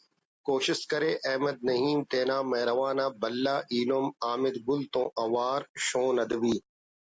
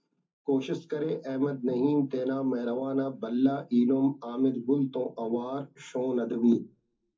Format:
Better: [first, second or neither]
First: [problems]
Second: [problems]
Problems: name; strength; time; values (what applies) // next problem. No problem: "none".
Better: first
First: none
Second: room echo; dies away in 0.3 s